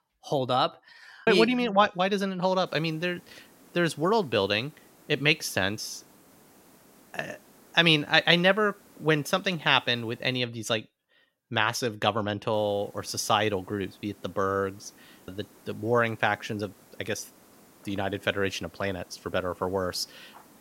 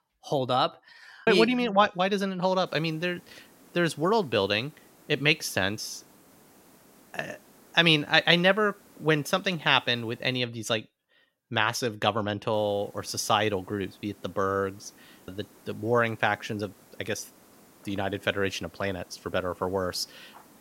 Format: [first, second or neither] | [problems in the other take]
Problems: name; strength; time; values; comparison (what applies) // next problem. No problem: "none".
neither | hiss; faint; from 2.5 to 10 s and from 13 s on; 30 dB below the speech; the same in both